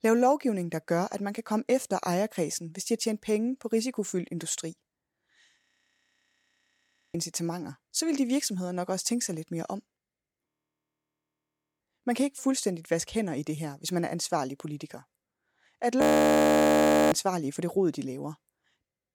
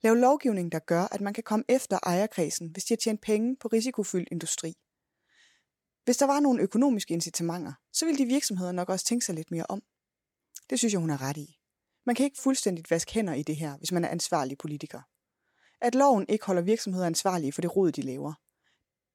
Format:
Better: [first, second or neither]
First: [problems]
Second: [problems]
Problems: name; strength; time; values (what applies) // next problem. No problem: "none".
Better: second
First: audio freezing; at 5.5 s for 1.5 s, at 10 s for 1.5 s and at 16 s for 1 s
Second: none